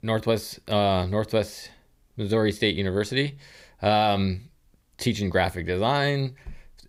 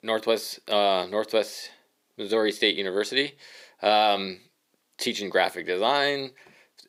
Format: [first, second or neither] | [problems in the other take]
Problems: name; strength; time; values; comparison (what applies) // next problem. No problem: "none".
first | thin; somewhat; fading below 300 Hz